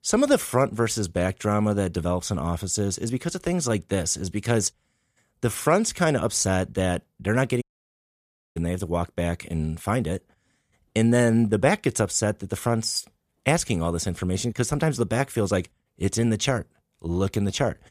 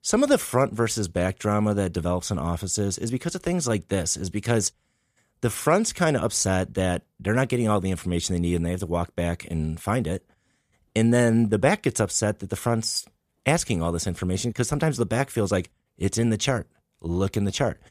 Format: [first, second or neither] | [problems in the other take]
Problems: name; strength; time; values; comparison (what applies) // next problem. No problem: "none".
second | audio cutting out; at 7.5 s for 1 s